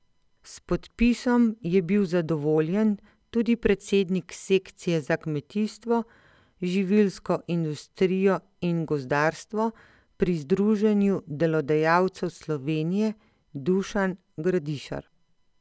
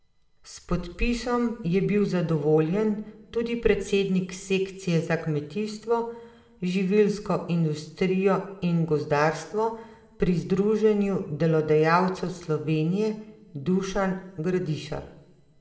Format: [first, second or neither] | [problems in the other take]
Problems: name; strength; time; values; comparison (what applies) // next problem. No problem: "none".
first | room echo; dies away in 0.7 s